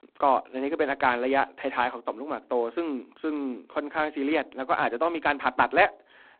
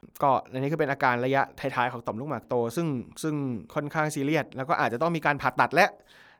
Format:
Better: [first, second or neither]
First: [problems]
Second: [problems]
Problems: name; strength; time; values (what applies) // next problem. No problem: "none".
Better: second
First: phone-call audio; poor line; nothing above 4 kHz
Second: none